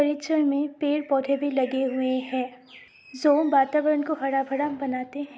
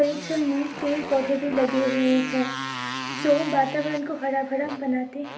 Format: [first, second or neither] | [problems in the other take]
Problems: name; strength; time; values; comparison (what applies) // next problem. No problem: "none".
first | background sound (Motorcycle); 9 dB below the speech // room echo; dies away in 0.3 s